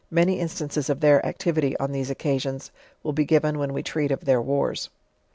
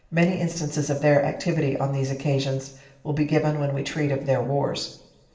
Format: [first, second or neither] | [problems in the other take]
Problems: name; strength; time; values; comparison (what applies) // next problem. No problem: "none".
first | room echo; dies away in 0.7 s